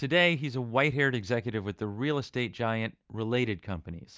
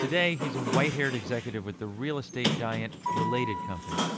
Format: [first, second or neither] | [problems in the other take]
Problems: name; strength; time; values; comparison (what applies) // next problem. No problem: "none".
first | background sound (Sliding door); 1 dB below the speech